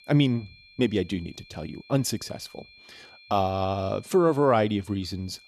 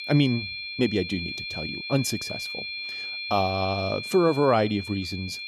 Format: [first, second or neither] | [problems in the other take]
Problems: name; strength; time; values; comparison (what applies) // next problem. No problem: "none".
first | high-pitched whine; loud; throughout; 2.5 kHz, 7 dB below the speech; faint in the first